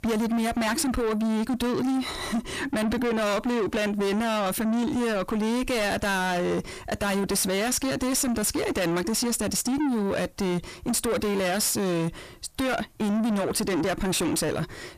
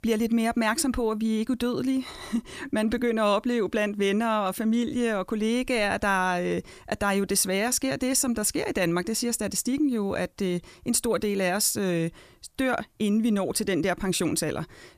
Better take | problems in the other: second | distortion; heavy; 7 dB below the speech

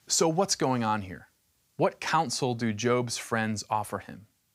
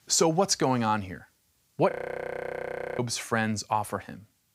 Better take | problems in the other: first | audio freezing; at 2 s for 1 s

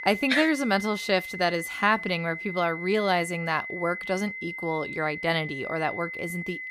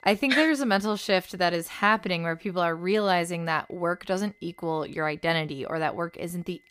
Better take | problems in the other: second | high-pitched whine; loud; throughout; 2 kHz, 8 dB below the speech; faint in the second

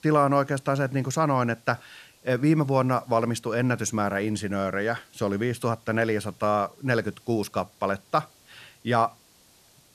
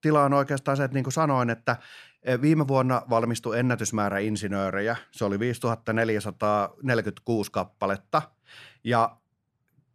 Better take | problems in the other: second | hiss; faint; throughout; 30 dB below the speech

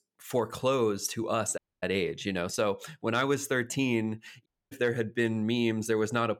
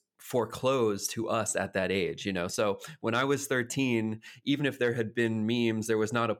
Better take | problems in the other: second | audio cutting out; at 1.5 s and at 4.5 s

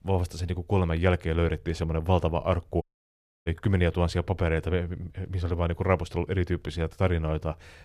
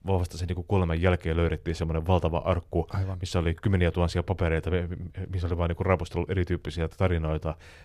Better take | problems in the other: second | audio cutting out; at 3 s for 0.5 s

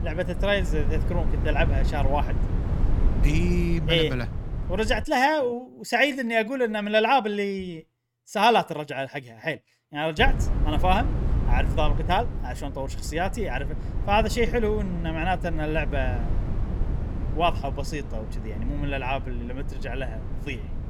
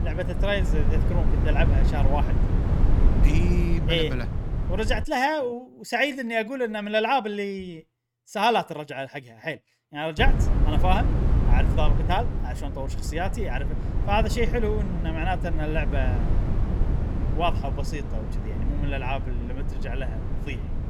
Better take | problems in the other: first | wind noise on the microphone; heavy; until 5 s and from 10 s on; 10 dB below the speech; occasional gusts in the first

